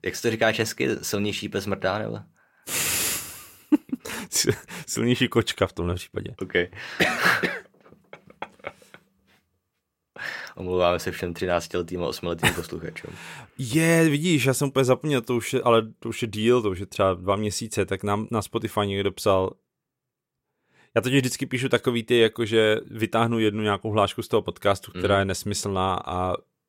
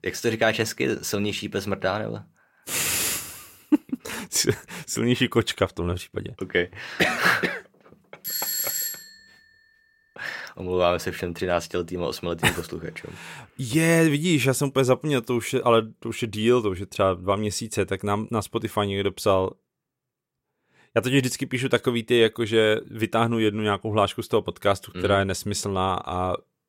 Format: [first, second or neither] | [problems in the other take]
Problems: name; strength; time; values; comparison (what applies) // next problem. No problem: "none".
first | doorbell; loud; at 8 s; peak level with the speech